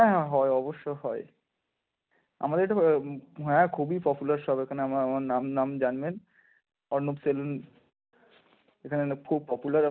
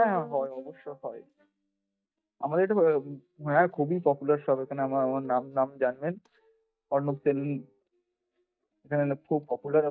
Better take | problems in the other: first | noise reduction (neural mask model DeepFilterNet 3)

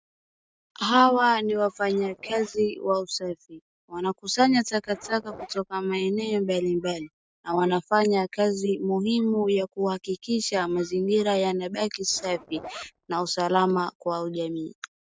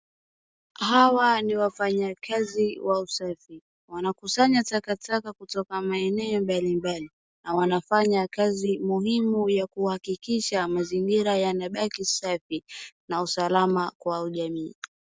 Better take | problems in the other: second | noise reduction (neural mask model RNNoise)

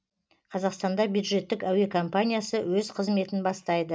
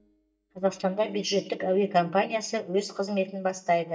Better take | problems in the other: first | noise reduction (neural mask model DeepFilterNet 3)

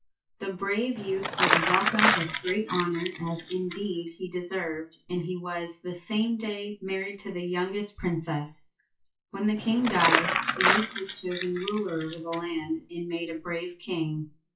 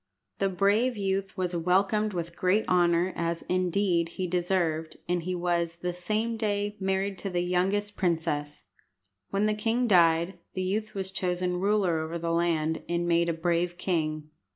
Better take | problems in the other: second | noise reduction (classical method WPE with log-MMSE)

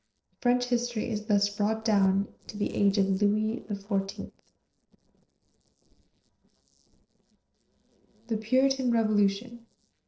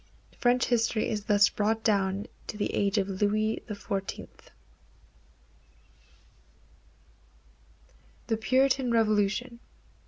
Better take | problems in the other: second | noise reduction (neural separator model SepFormer DNS4)

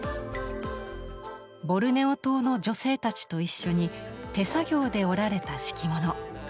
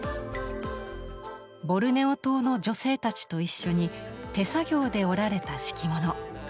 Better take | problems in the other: second | background sound (Brass instrument); 18 dB below the speech

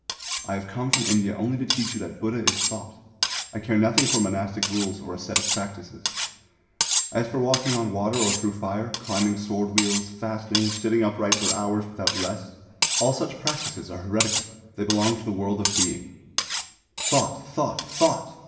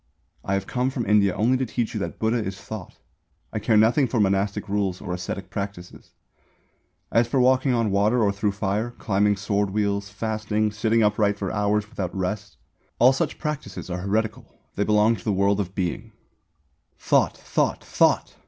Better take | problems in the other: second | background sound (Cutlery, silverware); 2 dB below the speech // room echo; dies away in 1.1 s

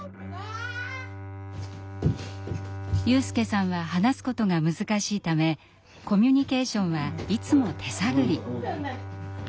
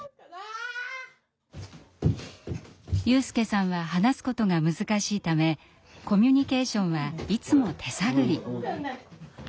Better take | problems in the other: second | background sound (Bowed string instrument); 12 dB below the speech

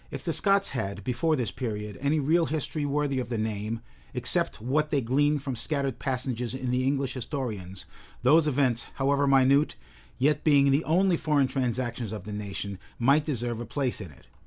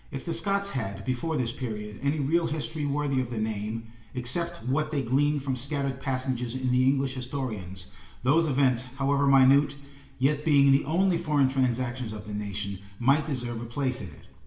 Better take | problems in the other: first | room echo; dies away in 0.8 s

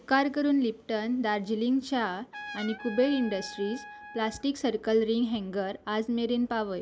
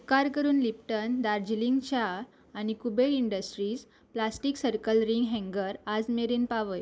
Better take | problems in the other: second | background sound (Trumpet); 16 dB below the speech

